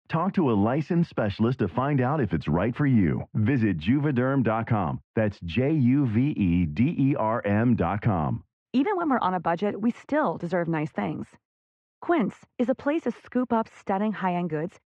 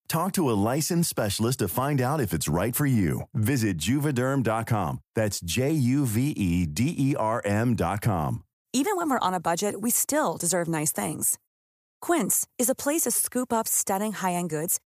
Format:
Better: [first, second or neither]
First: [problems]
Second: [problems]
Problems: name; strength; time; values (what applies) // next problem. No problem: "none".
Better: second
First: muffled; very; fading above 3 kHz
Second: none